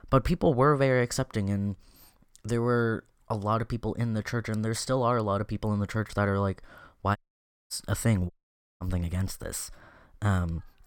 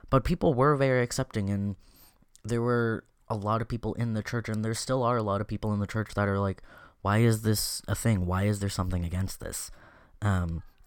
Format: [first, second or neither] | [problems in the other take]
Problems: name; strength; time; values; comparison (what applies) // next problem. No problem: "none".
second | audio cutting out; at 7 s for 0.5 s and at 8.5 s for 0.5 s